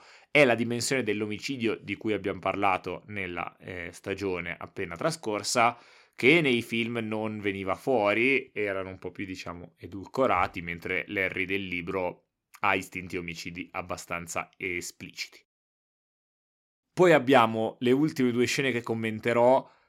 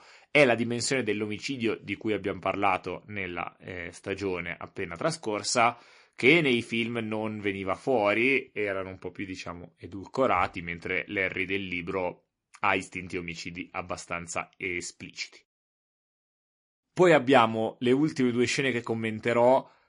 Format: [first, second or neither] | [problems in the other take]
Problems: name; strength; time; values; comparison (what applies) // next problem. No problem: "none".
first | garbled, watery; slightly; nothing above 10.5 kHz